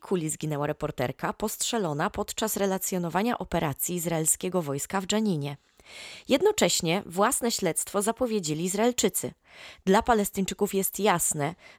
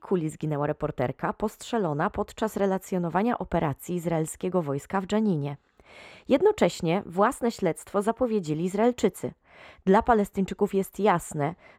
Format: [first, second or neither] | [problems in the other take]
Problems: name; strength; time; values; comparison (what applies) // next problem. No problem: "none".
first | muffled; very; fading above 2.5 kHz